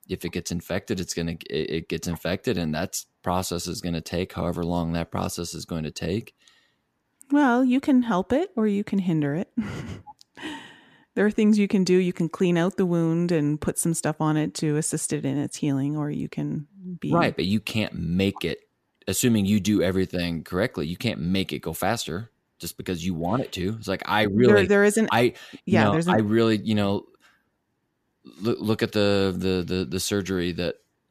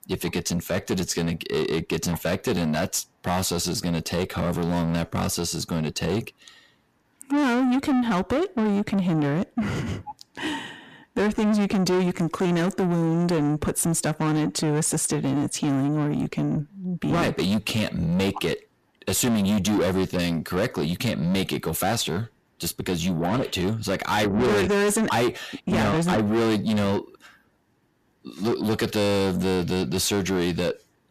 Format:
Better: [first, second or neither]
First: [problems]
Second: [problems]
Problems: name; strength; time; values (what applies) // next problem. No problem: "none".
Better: first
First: none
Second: distortion; heavy; 6 dB below the speech